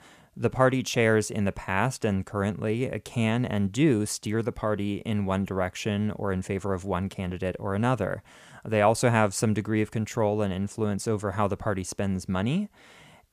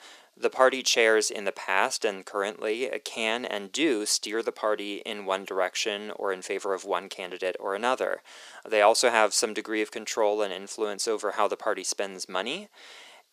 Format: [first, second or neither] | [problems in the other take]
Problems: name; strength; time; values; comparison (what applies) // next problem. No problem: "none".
first | thin; very; fading below 350 Hz